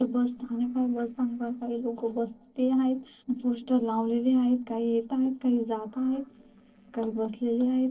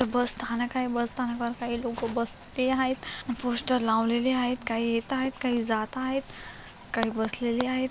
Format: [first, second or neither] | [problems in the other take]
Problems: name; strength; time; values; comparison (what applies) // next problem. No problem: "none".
second | noise reduction (neural separator model SepFormer DNS4)